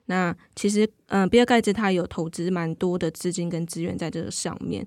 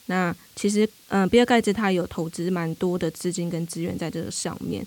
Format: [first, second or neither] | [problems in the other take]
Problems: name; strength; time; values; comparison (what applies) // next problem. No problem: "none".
first | hiss; faint; throughout; 25 dB below the speech